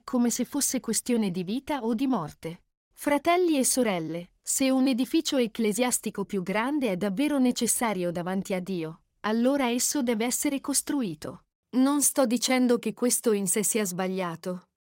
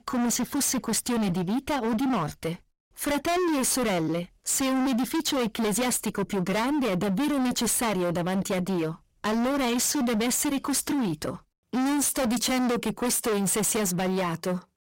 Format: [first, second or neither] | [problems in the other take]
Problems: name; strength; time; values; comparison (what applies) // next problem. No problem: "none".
first | distortion; heavy; 37% of the sound clipped